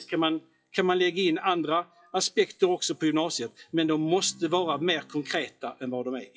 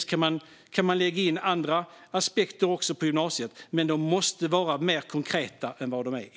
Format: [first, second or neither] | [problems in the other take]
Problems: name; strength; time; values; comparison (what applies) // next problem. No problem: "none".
second | noise reduction (classical method WPE with log-MMSE)